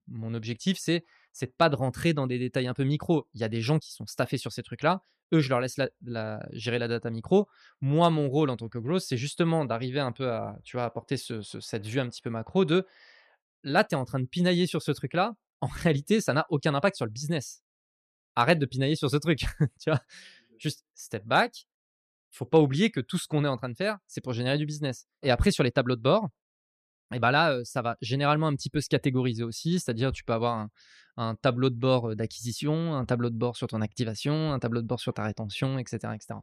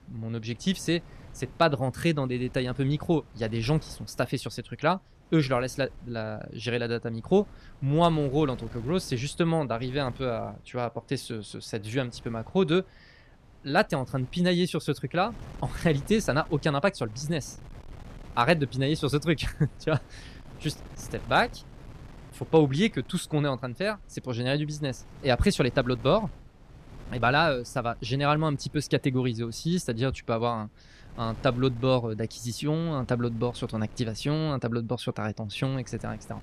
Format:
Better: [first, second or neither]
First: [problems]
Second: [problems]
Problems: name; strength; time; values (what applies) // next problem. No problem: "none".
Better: first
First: none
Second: wind noise on the microphone; occasional gusts; 25 dB below the speech